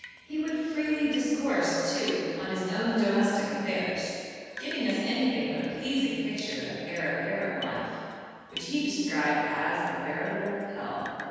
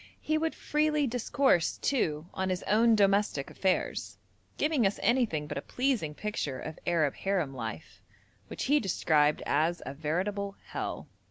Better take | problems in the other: second | background sound (Drip); 19 dB below the speech // room echo; dies away in 2.1 s

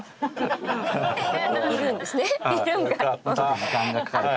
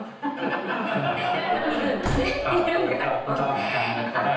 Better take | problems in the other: first | background sound (Slam / Wood); 9 dB below the speech // room echo; dies away in 0.9 s

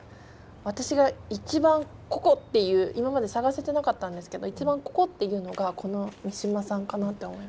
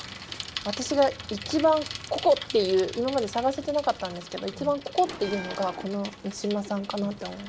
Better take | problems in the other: first | background sound (Bell + Bicycle); 13 dB below the speech

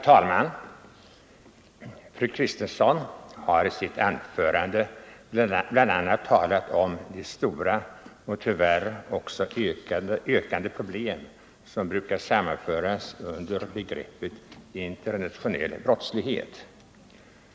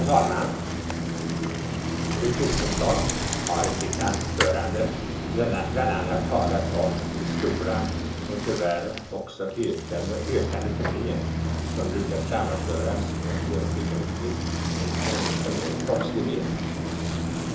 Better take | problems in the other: first | background sound (Bicycle); 1 dB above the speech // room echo; dies away in 0.6 s

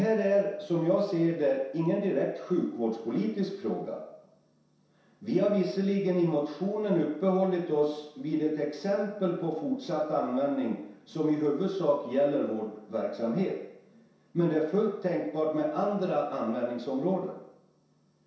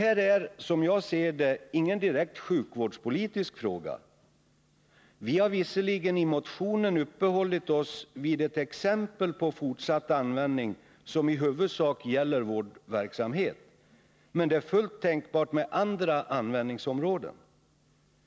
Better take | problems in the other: second | room echo; dies away in 0.7 s

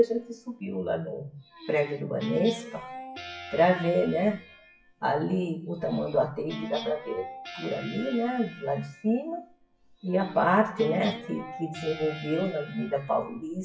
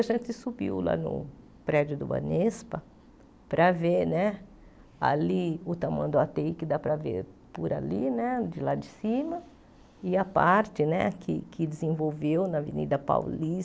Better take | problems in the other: second | noise reduction (classical method WPE with log-MMSE)

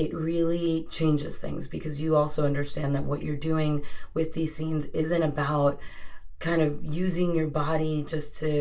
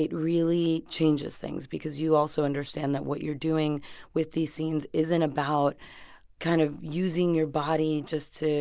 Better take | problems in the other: second | room echo; dies away in 0.2 s

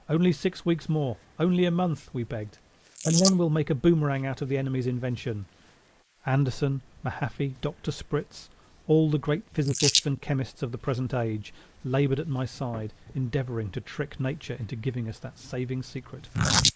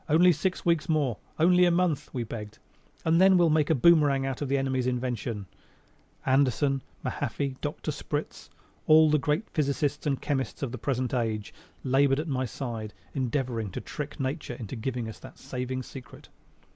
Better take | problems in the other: second | noise reduction (neural mask model Resemble Enhance denoiser)

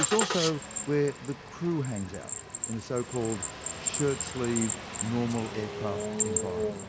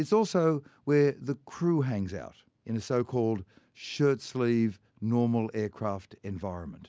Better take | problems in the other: second | background sound (Bell + Engine starting); 1 dB below the speech

